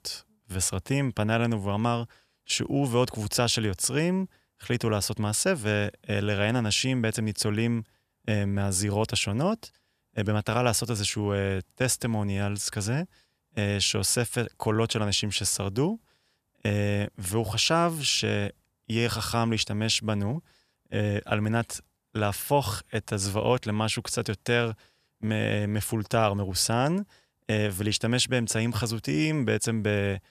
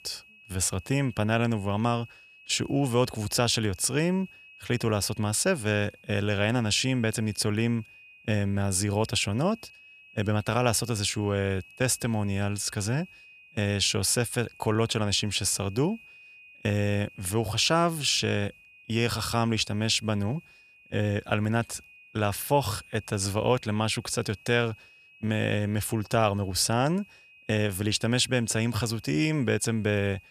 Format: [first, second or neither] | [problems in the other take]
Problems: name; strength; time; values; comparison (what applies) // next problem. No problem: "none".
first | high-pitched whine; faint; throughout; 2.5 kHz, 25 dB below the speech